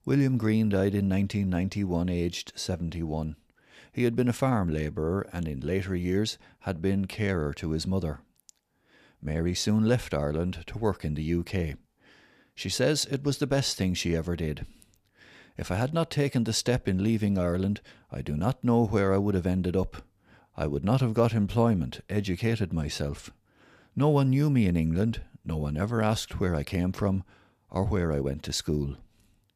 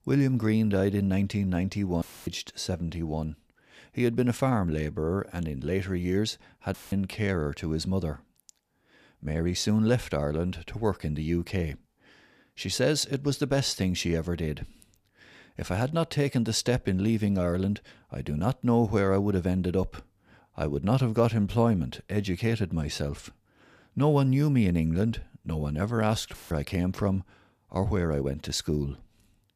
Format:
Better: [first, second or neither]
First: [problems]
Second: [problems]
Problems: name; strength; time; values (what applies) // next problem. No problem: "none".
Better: first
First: none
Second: audio cutting out; filled with static; at 2 s, at 6.5 s and at 26 s